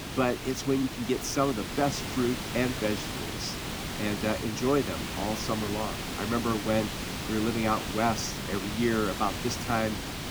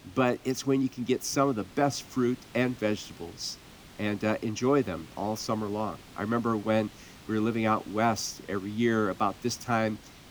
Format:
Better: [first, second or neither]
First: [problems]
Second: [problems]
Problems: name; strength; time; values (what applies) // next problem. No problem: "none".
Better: second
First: hiss; loud; throughout; 4 dB below the speech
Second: hiss; faint; throughout; 20 dB below the speech